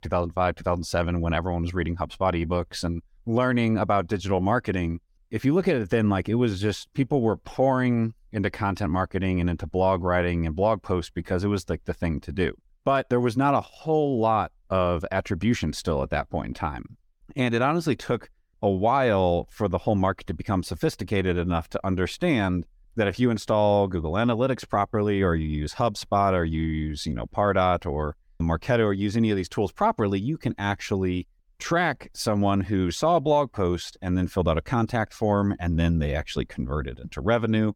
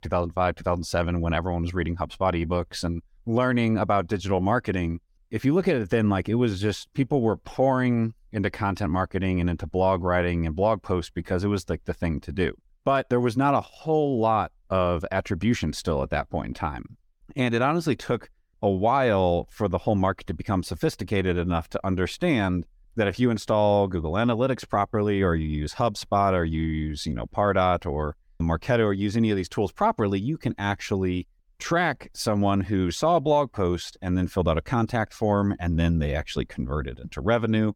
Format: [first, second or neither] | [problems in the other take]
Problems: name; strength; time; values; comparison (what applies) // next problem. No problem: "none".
neither | none